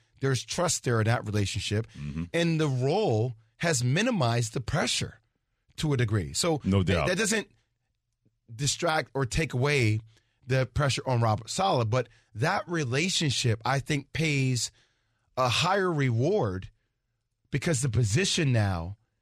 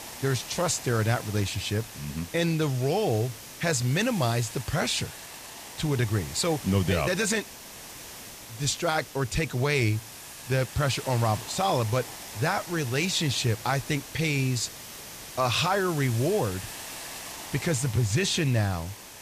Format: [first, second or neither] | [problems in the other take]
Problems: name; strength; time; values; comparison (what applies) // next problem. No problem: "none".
first | hiss; noticeable; throughout; 10 dB below the speech